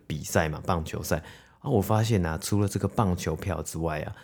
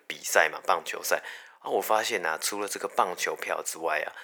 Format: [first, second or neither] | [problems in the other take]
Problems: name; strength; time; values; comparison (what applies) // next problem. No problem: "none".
first | thin; very; fading below 500 Hz